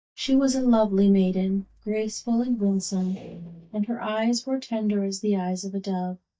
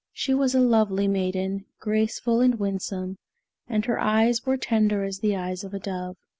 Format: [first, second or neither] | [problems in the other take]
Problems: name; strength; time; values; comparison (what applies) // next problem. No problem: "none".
second | noise reduction (neural mask model DeepFilterNet 3)